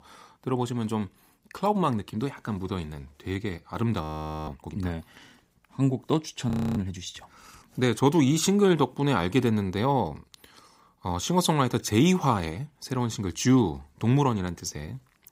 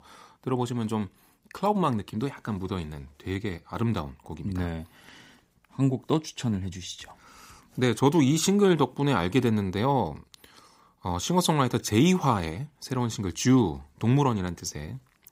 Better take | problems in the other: second | audio freezing; at 4 s and at 6.5 s

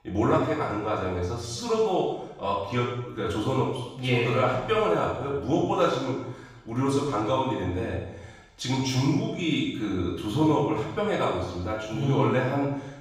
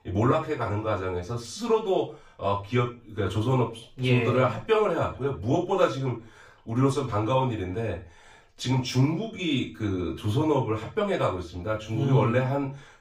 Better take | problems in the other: second | room echo; strong; dies away in 0.9 s; slight in the second // off-mic speech; far; far in the second

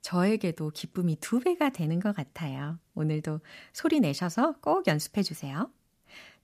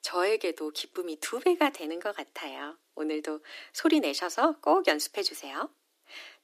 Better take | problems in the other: first | thin; somewhat; fading below 300 Hz

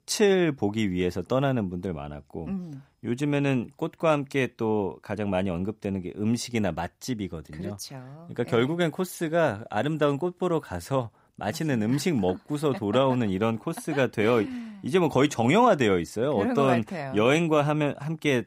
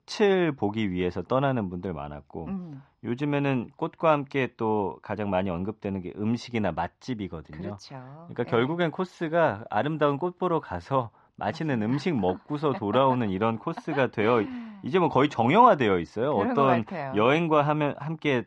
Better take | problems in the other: first | muffled; slightly; fading above 4.5 kHz

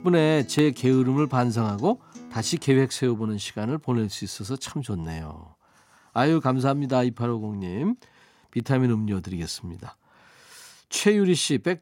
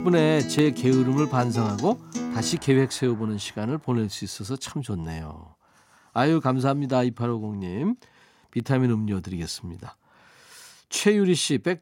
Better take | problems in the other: first | background music; loud; until 4 s; 8 dB below the speech; faint in the first

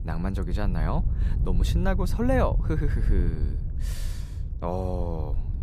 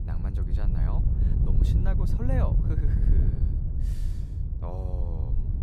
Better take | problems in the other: first | wind noise on the microphone; heavy; 1 dB below the speech; occasional gusts in the first

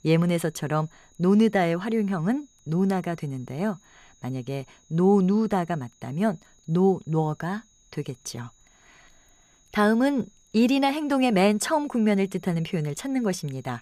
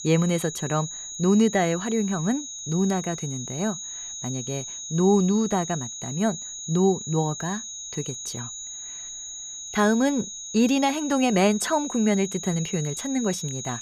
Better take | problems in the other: first | high-pitched whine; loud; throughout; 6.5 kHz, 8 dB below the speech; faint in the first

